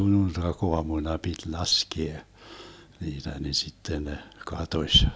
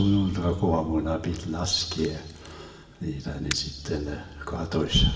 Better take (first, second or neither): first